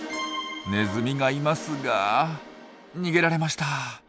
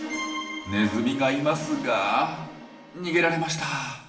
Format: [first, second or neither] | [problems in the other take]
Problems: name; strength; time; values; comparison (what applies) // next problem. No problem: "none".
first | room echo; dies away in 0.8 s